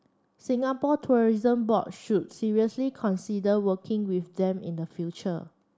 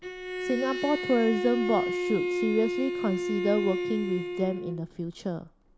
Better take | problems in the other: first | background sound (Bowed string instrument); 3 dB below the speech

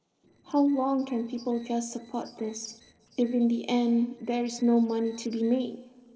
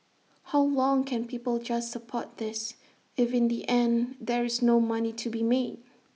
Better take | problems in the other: second | noise reduction (neural separator model SepFormer DNS4)

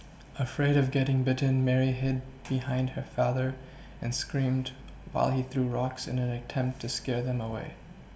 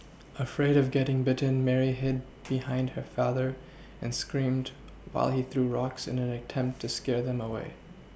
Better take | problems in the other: second | room echo; dies away in 0.4 s

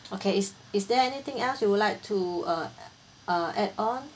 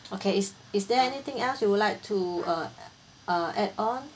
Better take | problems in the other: first | background sound (Trumpet); 20 dB below the speech

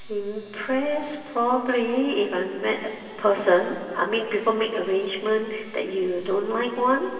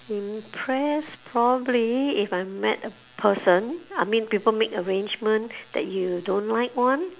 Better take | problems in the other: second | room echo; dies away in 2.6 s

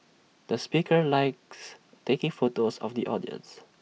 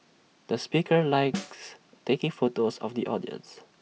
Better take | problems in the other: first | background sound (Snare drum); 14 dB below the speech

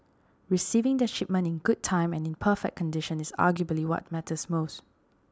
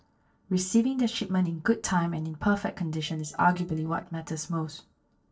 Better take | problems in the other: first | noise reduction (neural separator model SepFormer DNS4)

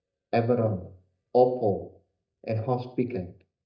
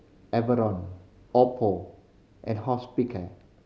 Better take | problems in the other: second | noise reduction (neural mask model DeepFilterNet 3)

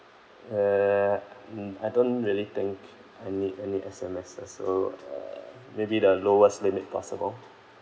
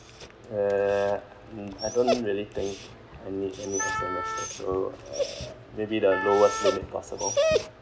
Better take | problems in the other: first | background sound (Dog + Wind instrument, woodwind instrument); 3 dB below the speech

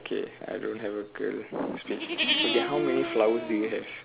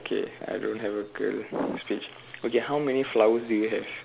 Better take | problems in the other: second | background sound (Livestock, farm animals, working animals); 1 dB above the speech

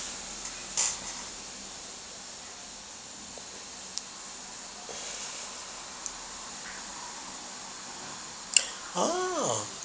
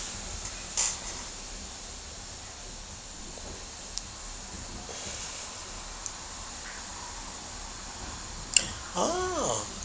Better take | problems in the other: first | background sound (Train); 10 dB below the speech

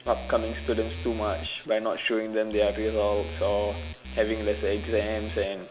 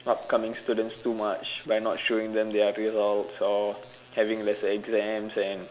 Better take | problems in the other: second | background sound (Musical instrument); 9 dB below the speech

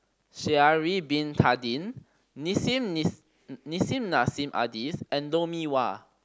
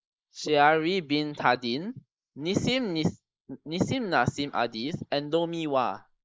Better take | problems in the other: first | noise reduction (neural mask model Resemble Enhance denoiser)

